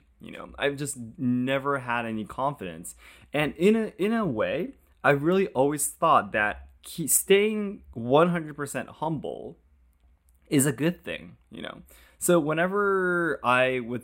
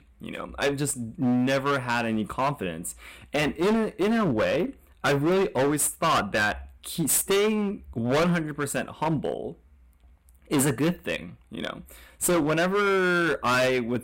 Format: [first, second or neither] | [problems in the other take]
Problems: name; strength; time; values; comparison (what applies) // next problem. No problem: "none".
first | distortion; heavy; 16% of the sound clipped